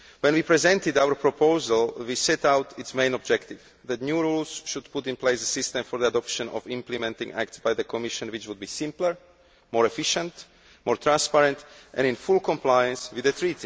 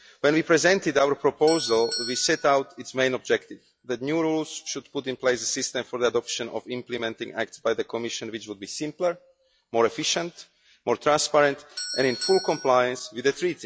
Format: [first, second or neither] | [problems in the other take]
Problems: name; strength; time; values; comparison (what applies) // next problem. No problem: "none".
first | noise reduction (classical method log-MMSE)